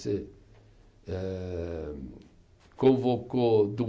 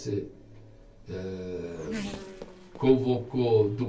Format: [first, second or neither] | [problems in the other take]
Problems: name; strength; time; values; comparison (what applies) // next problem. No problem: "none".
first | background sound (Race car, auto racing / Accelerating, revving, vroom); 15 dB below the speech // room echo; dies away in 0.2 s